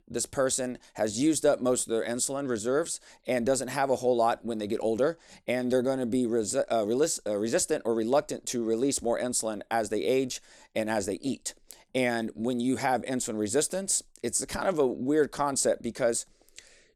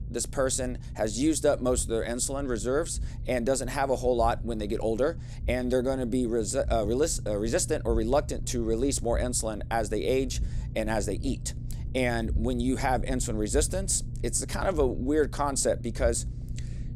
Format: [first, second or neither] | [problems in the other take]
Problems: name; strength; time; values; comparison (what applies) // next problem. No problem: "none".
first | low rumble; faint; throughout; 20 dB below the speech